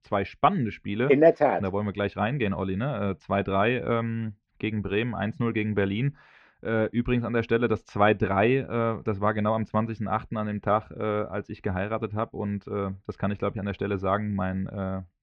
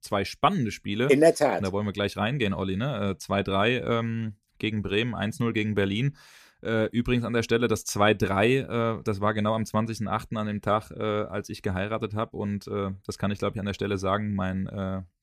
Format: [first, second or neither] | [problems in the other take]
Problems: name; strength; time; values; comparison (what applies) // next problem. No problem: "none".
second | muffled; very; fading above 2.5 kHz